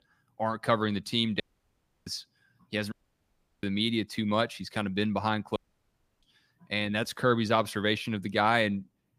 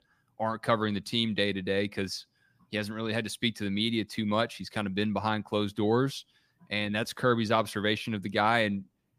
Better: second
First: audio cutting out; at 1.5 s for 0.5 s, at 3 s for 0.5 s and at 5.5 s for 0.5 s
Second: none

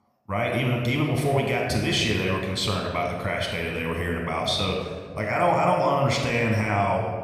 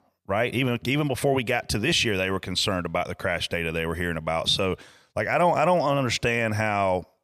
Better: second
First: off-mic speech; somewhat distant // room echo; noticeable; dies away in 1.4 s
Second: none

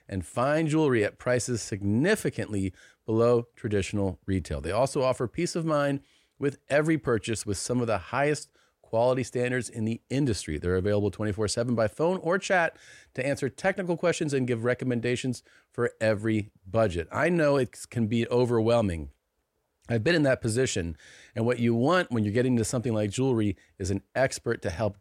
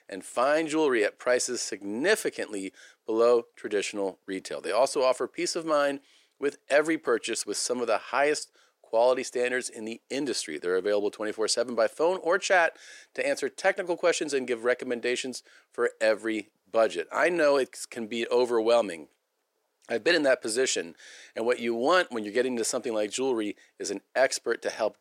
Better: first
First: none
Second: thin; somewhat; fading below 350 Hz

